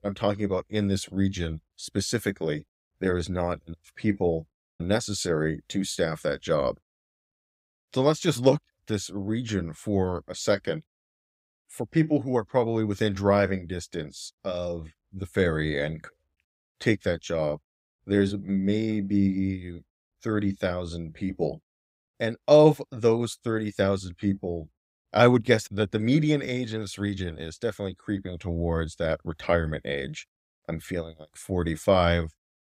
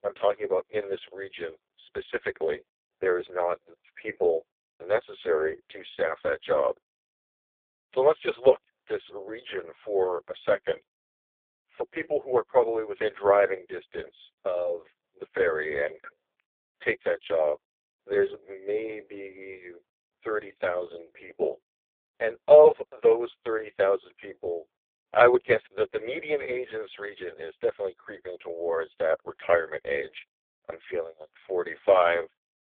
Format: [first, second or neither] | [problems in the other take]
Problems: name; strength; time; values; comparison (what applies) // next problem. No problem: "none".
first | phone-call audio; poor line